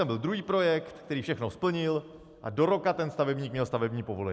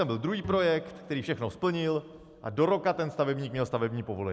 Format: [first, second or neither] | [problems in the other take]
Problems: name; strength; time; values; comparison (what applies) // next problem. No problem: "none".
first | background sound (Bowed string instrument); 17 dB below the speech